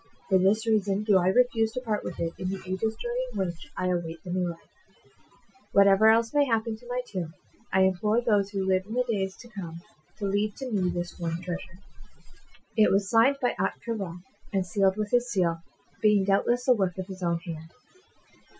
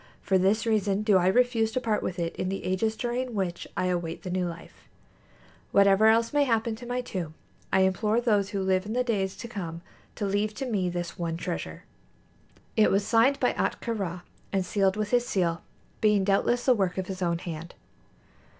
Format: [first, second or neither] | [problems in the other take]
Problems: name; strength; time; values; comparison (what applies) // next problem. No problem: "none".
second | noise reduction (classical method Wiener filter)